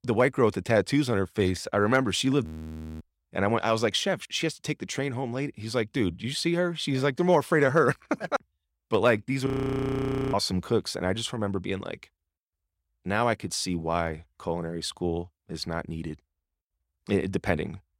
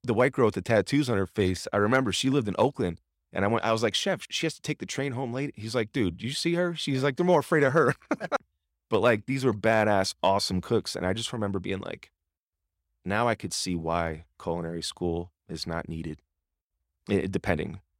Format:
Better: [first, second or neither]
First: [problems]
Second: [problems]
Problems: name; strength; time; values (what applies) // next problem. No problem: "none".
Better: second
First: audio freezing; at 2.5 s for 0.5 s and at 9.5 s for 1 s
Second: none